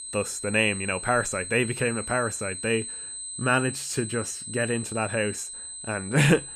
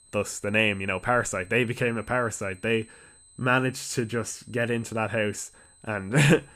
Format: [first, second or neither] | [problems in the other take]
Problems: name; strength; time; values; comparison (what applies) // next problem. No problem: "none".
second | high-pitched whine; loud; throughout; 8 kHz, 8 dB below the speech; faint in the second